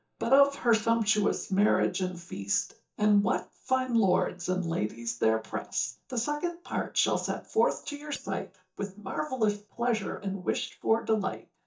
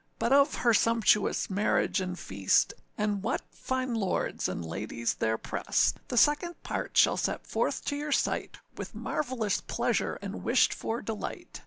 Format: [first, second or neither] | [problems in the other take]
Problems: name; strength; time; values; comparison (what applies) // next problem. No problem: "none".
second | noise reduction (neural mask model DeepFilterNet 3)